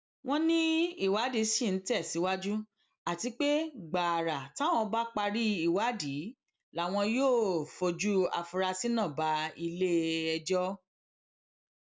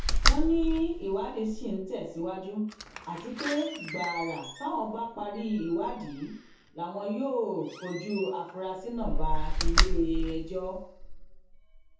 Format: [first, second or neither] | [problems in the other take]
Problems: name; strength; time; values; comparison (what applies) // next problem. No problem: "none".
first | background sound (Slam); 2 dB above the speech // room echo; dies away in 0.6 s